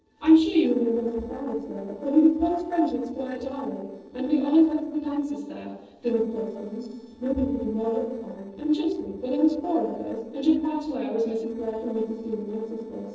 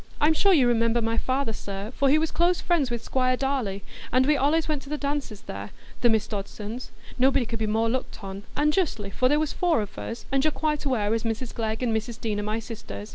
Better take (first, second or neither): second